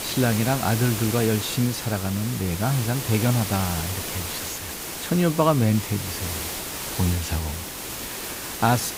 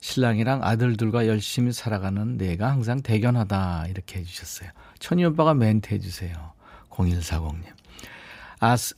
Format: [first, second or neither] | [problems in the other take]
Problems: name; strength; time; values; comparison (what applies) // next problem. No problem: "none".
second | hiss; loud; throughout; 5 dB below the speech